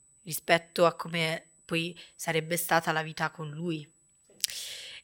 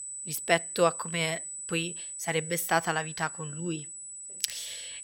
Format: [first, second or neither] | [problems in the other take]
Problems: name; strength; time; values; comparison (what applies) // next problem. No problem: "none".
first | high-pitched whine; loud; throughout; 8 kHz, 7 dB below the speech; faint in the first